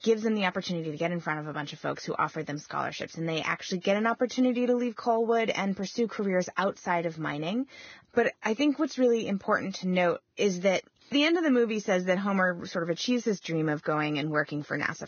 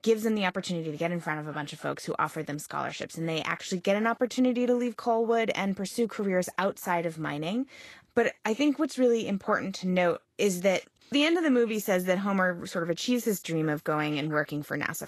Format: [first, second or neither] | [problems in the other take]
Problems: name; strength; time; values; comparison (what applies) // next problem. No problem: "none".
second | garbled, watery; badly; nothing above 6.5 kHz; slightly in the second